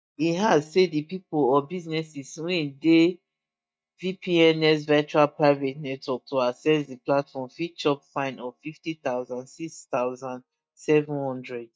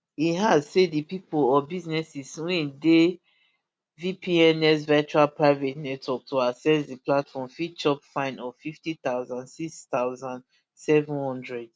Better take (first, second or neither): second